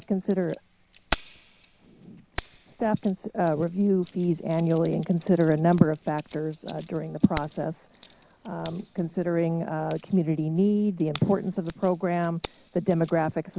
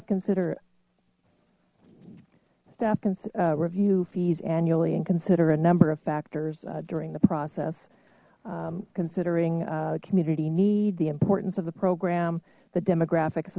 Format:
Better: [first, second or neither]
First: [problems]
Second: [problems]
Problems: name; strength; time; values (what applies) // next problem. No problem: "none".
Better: second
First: background sound (Keys jangling); 18 dB below the speech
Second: none